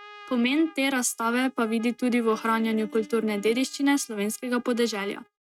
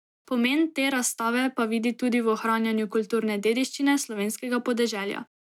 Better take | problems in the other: second | noise reduction (neural mask model RNNoise)

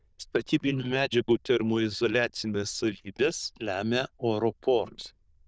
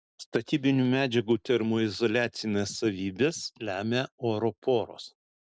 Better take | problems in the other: second | noise reduction (neural diffusion model UNIVERSE++)

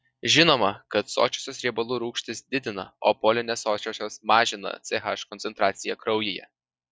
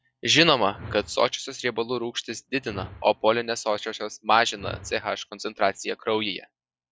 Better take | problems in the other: first | background sound (Whoosh, swoosh, swish); 19 dB below the speech

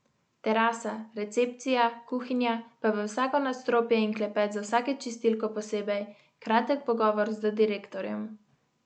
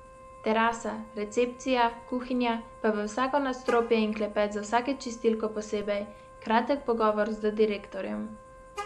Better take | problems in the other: first | background sound (Wind instrument, woodwind instrument + Vehicle horn, car horn, honking); 18 dB below the speech

